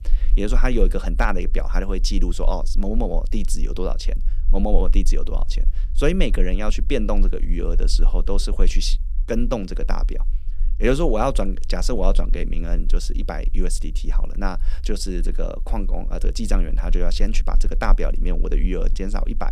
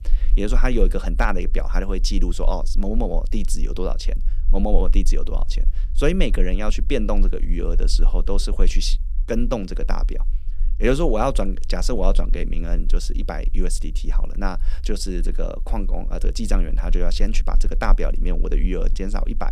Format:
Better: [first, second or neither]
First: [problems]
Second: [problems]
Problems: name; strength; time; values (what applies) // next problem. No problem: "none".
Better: neither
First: low rumble; faint; throughout; 25 dB below the speech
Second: low rumble; faint; throughout; 25 dB below the speech